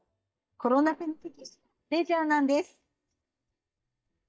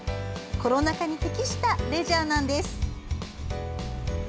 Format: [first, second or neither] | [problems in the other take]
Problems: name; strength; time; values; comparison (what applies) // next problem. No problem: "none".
second | noise reduction (neural mask model DeepFilterNet 3)